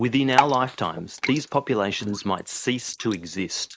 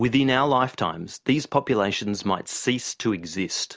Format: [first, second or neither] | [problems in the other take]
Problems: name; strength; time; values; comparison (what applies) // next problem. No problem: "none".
second | noise reduction (neural mask model Resemble Enhance denoiser)